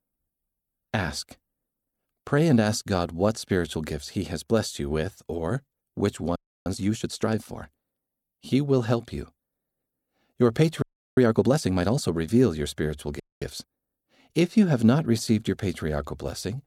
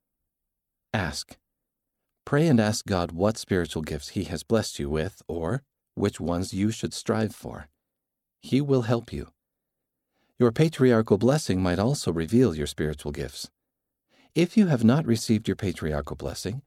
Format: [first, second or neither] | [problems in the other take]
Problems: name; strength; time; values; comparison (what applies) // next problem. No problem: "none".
second | audio freezing; at 6.5 s, at 11 s and at 13 s